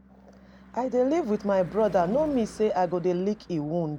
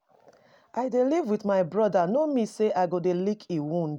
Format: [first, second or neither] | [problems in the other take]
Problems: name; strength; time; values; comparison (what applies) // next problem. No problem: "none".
second | background sound (Car passing by / Engine / Truck); 19 dB below the speech